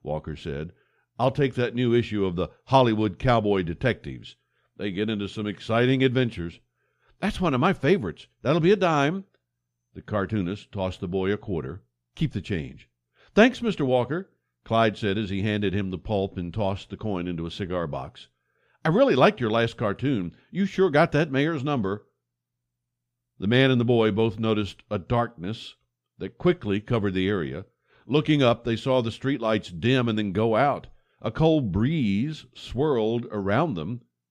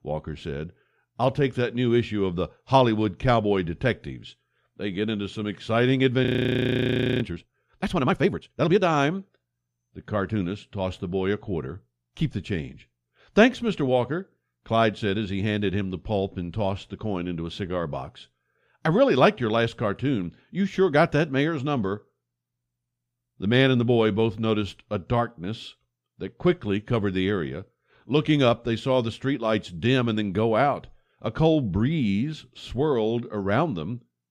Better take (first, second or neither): first